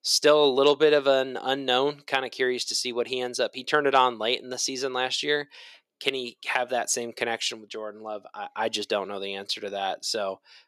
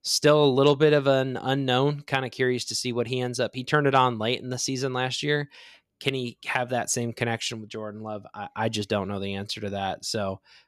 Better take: second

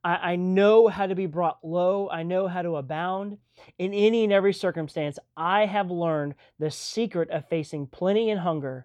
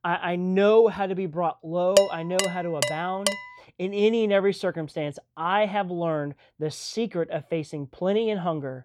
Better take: first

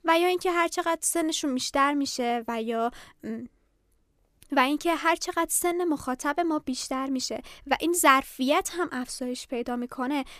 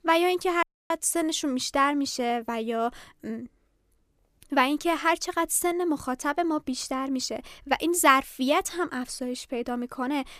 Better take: first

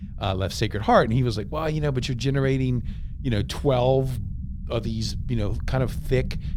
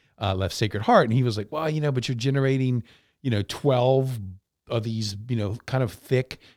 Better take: second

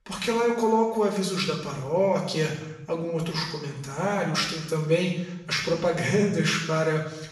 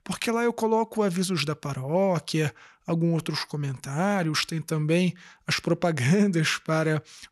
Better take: second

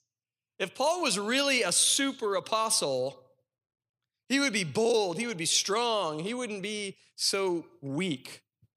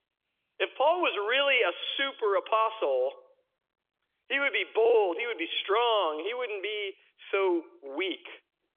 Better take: first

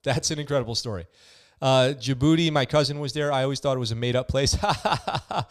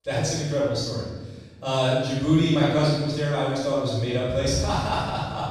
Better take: first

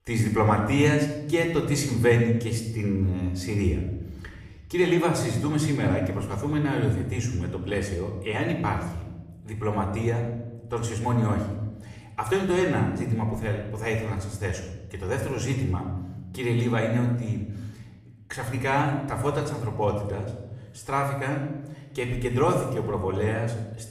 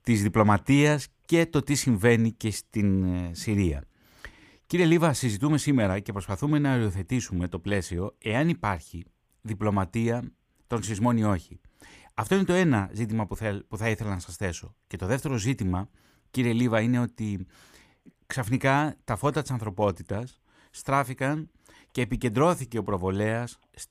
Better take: second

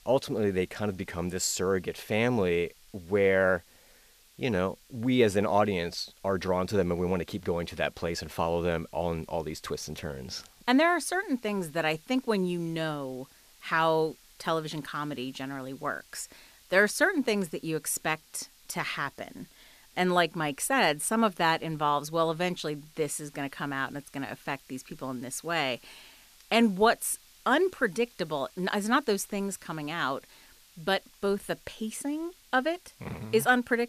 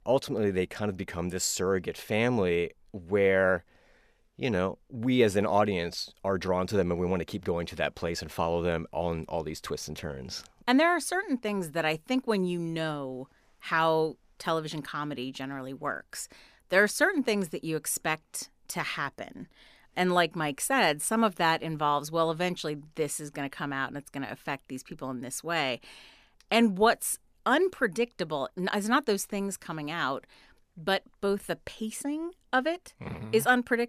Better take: second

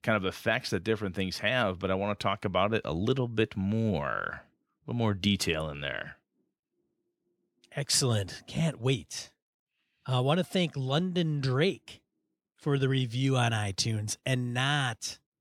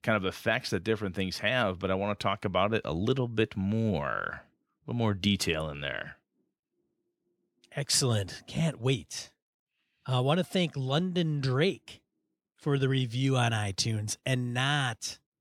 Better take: neither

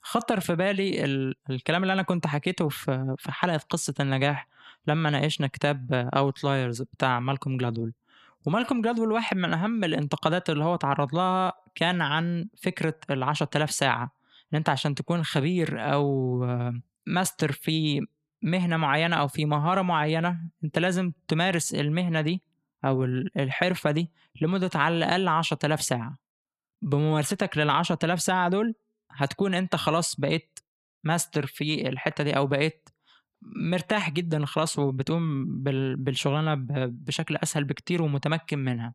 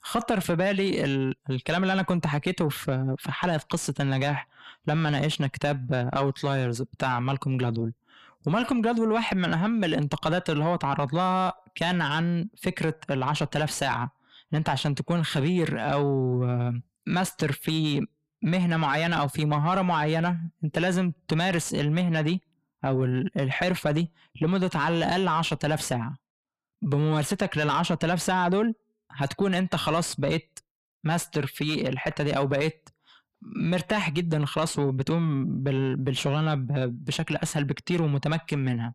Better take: first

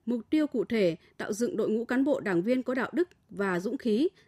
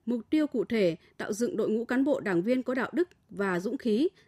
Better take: neither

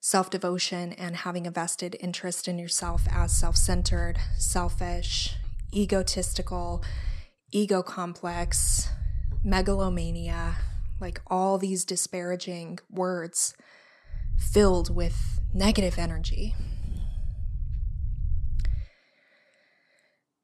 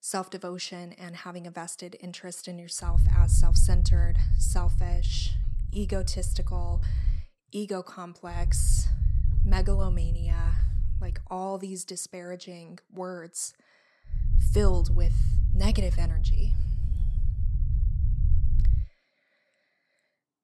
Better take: first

